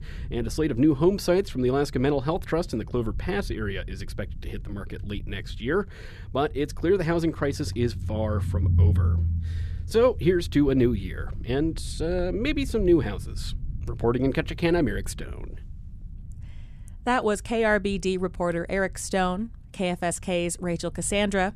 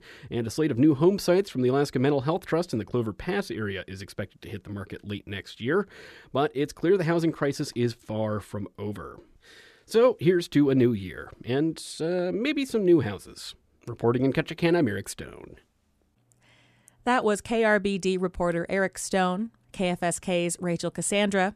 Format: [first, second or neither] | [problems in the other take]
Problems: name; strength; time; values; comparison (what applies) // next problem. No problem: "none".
second | low rumble; faint; throughout; 20 dB below the speech